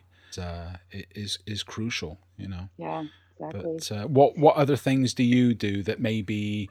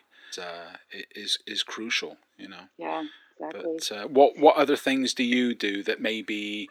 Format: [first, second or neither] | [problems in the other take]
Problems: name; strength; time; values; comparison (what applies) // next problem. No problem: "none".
first | thin; very slightly; fading below 300 Hz